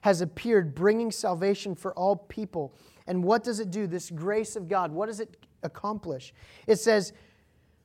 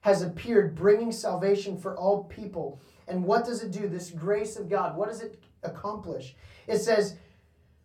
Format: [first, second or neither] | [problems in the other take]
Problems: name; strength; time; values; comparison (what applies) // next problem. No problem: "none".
first | off-mic speech; somewhat distant // room echo; very slight; dies away in 0.3 s